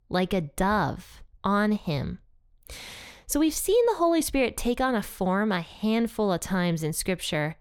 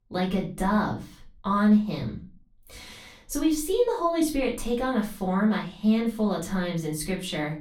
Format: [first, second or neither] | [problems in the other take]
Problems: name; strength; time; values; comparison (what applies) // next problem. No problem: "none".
first | off-mic speech; far // room echo; slight; dies away in 0.3 s